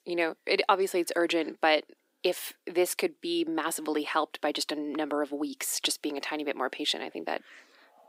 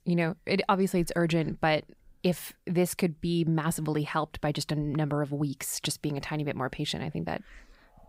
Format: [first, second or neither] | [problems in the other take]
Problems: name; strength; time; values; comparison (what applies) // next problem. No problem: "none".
second | thin; somewhat; fading below 300 Hz